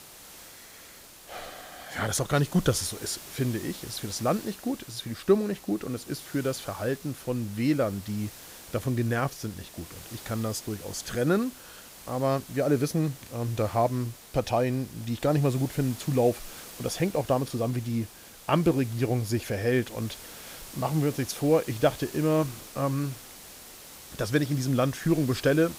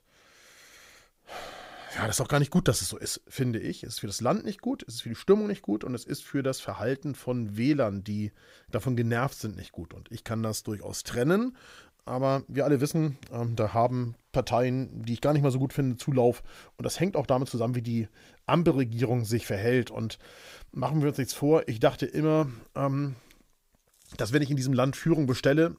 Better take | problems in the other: second | hiss; noticeable; throughout; 15 dB below the speech

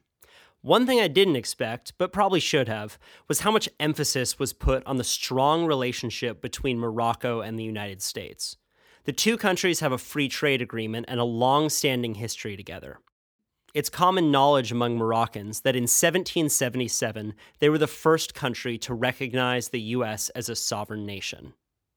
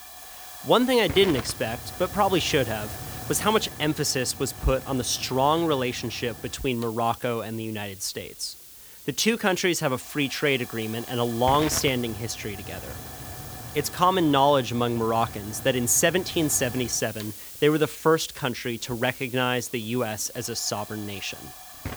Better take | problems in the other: first | hiss; noticeable; throughout; 15 dB below the speech

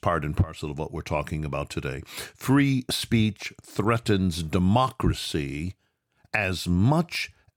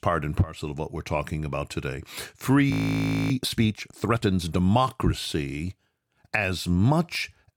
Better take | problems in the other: first | audio freezing; at 2.5 s for 0.5 s

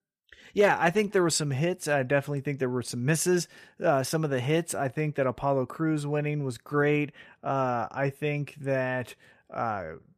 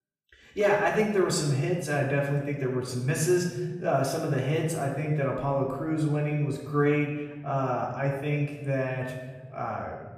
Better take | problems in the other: first | off-mic speech; far // room echo; noticeable; dies away in 1.3 s

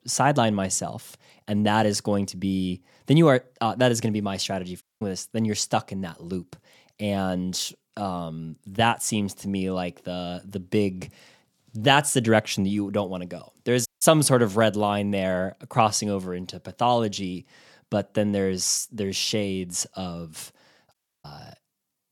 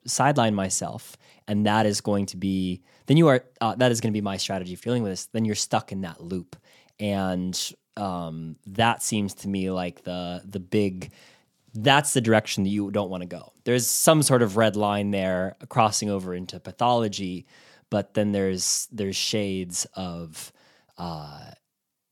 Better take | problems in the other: second | audio cutting out; at 5 s, at 14 s and at 21 s

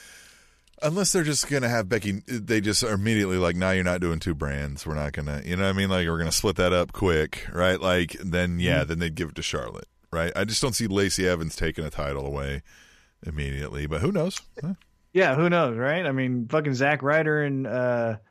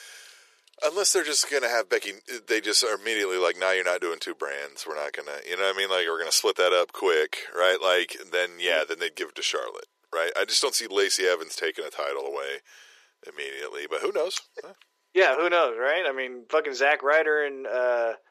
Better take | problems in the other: first | thin; very; fading below 400 Hz

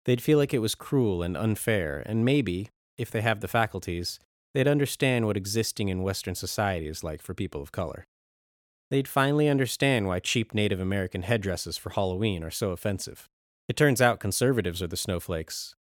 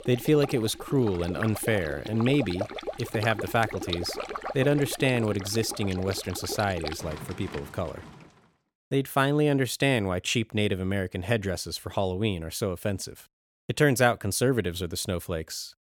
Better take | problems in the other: first | rain or running water; loud; until 8 s; 10 dB below the speech

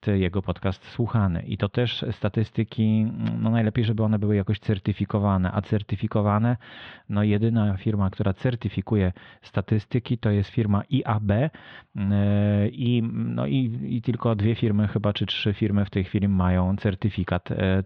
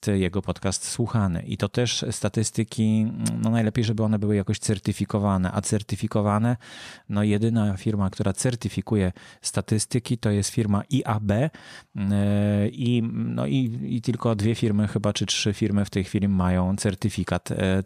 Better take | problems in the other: second | muffled; very; fading above 3.5 kHz

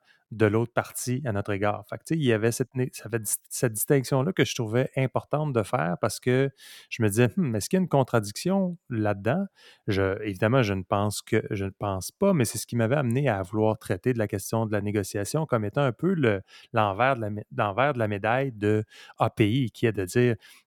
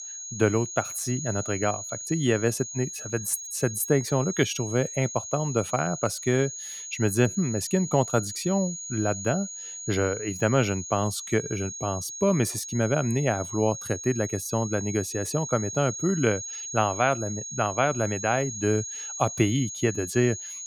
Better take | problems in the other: first | high-pitched whine; loud; throughout; 6.5 kHz, 7 dB below the speech

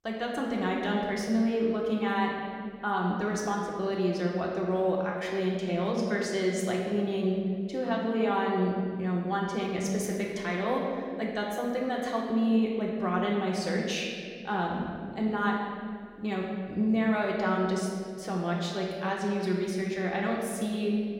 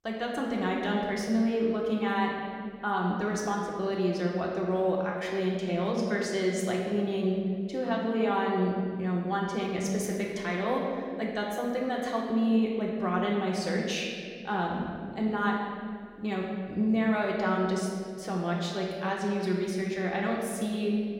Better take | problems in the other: neither | room echo; noticeable; dies away in 1.9 s; the same in both // off-mic speech; far; the same in both

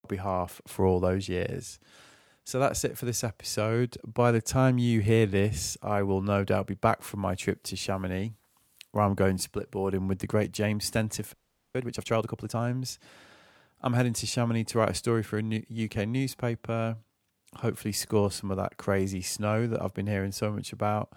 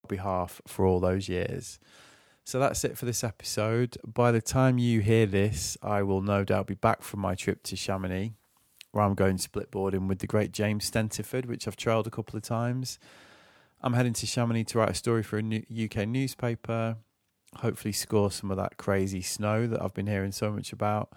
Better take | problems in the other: second | audio freezing; at 11 s

